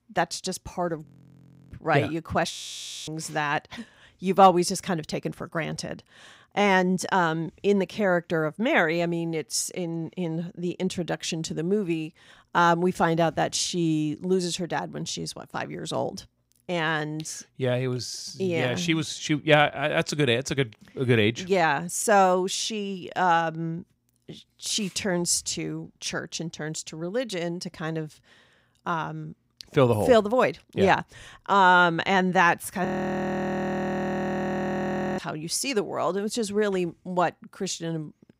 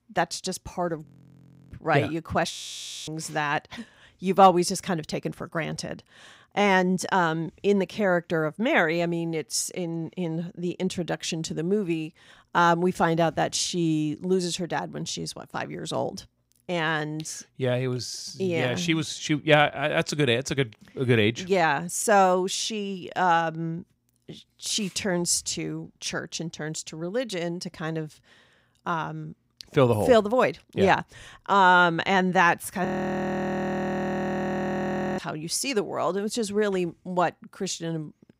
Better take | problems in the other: neither | audio freezing; at 1 s for 0.5 s, at 2.5 s for 0.5 s and at 33 s for 2.5 s; the same in both

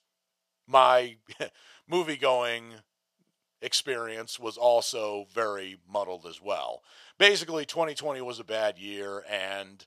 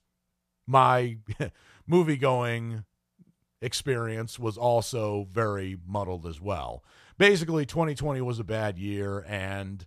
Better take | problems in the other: second | thin; very; fading below 450 Hz

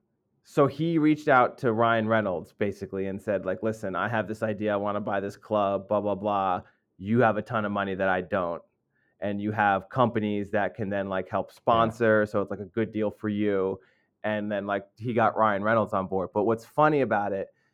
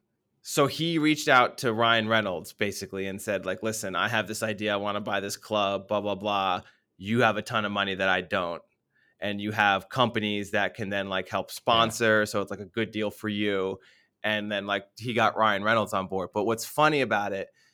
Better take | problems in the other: second | muffled; very; fading above 2 kHz

